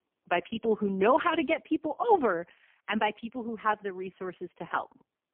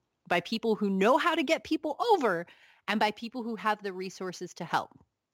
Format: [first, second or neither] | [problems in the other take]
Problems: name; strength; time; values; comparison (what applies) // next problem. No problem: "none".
second | phone-call audio; poor line; nothing above 3 kHz